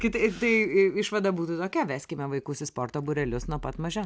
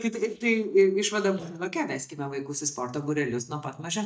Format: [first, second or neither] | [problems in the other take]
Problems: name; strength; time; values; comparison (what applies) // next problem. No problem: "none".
first | noise reduction (neural mask model DeepFilterNet 3)